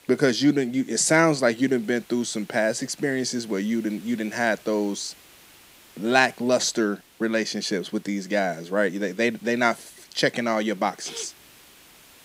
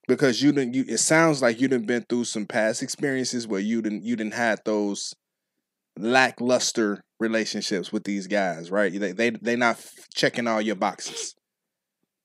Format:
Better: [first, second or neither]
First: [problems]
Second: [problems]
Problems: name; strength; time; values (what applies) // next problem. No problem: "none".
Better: second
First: hiss; faint; throughout; 25 dB below the speech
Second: none